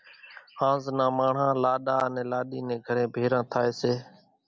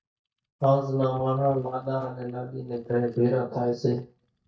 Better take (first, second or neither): first